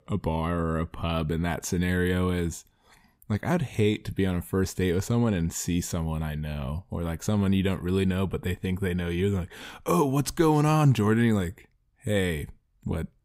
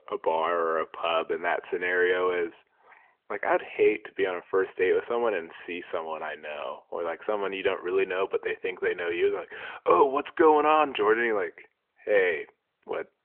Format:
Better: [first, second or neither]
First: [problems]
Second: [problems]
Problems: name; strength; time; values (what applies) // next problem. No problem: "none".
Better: first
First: none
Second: phone-call audio; nothing above 3 kHz